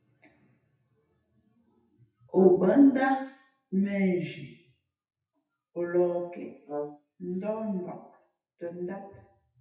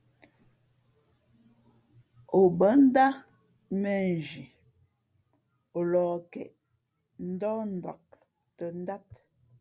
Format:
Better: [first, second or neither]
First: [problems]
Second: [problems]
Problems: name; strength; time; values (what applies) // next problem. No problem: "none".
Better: second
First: noise reduction (classical method WPE with log-MMSE)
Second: none